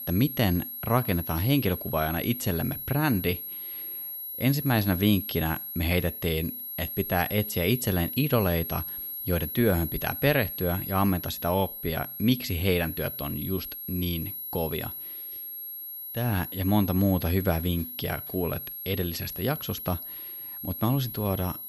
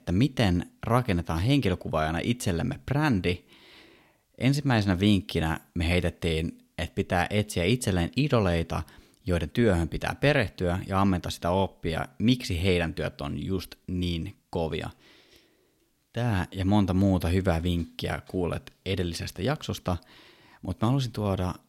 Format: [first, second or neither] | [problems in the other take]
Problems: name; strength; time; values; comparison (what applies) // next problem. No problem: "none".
second | high-pitched whine; loud; throughout; 11.5 kHz, 6 dB below the speech